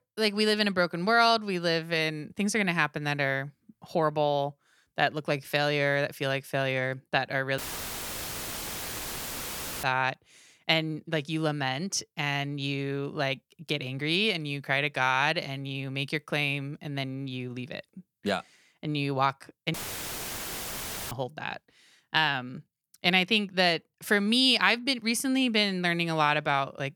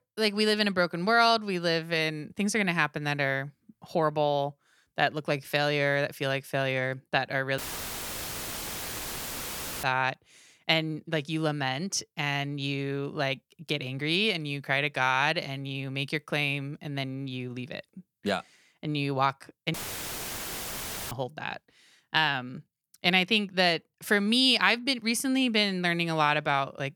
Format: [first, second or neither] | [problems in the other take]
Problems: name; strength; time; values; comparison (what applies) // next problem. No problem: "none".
neither | audio cutting out; filled with static; at 7.5 s for 2.5 s and at 20 s for 1.5 s; the same in both